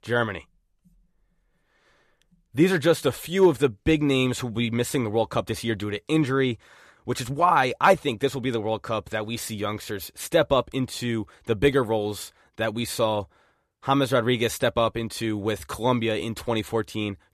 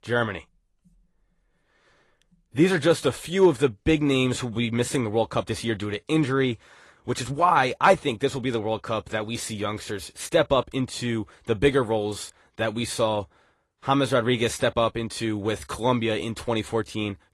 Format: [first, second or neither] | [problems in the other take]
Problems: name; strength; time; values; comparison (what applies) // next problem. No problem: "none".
first | garbled, watery; slightly; nothing above 11.5 kHz